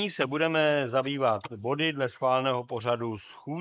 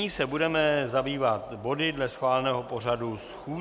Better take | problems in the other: second | noise reduction (neural mask model Resemble Enhance denoiser)

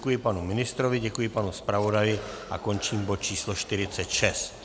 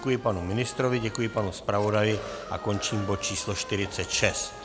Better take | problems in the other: first | background sound (Trumpet); 15 dB below the speech

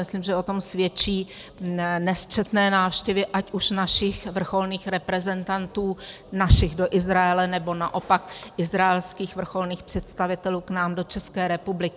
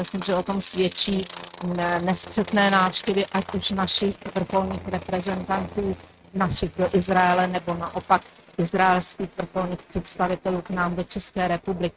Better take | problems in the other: first | noise reduction (neural mask model RNNoise)

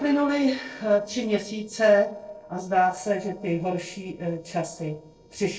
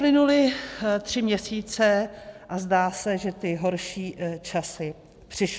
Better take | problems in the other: second | noise reduction (neural separator model SepFormer DNS4)

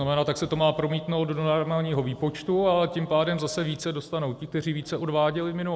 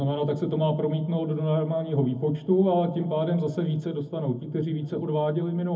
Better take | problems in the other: first | room echo; dies away in 0.3 s

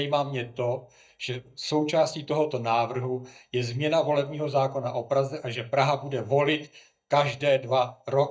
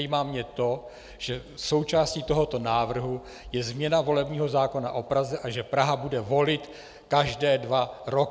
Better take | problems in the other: second | noise reduction (neural mask model DeepFilterNet 3)

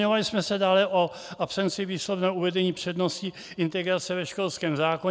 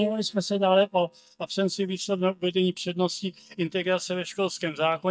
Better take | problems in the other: first | noise reduction (neural mask model DeepFilterNet 3)

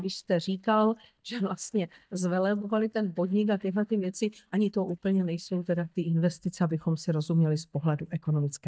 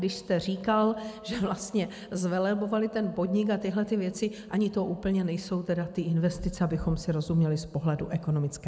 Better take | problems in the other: second | noise reduction (neural mask model DeepFilterNet 3)

